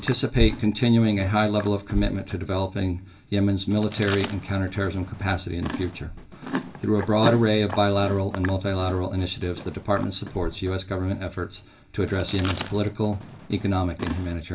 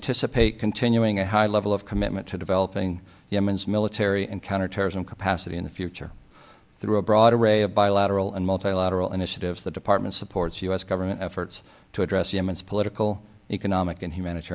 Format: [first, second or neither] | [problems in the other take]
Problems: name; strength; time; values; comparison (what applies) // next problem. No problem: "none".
second | background sound (Chewing, mastication); 13 dB below the speech // room echo; dies away in 0.2 s